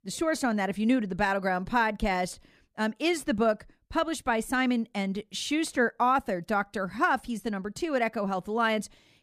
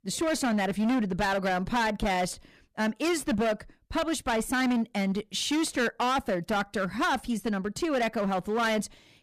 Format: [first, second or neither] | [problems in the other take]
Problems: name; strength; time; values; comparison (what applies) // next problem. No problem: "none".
first | distortion; heavy; 17% of the sound clipped